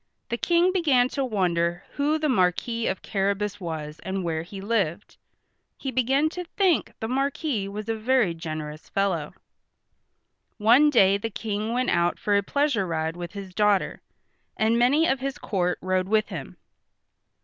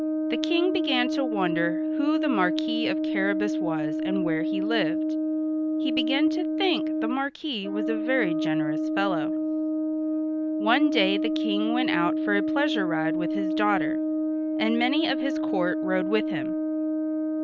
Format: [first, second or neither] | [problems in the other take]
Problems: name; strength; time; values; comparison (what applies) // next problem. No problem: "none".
first | background sound (Brass instrument); 3 dB above the speech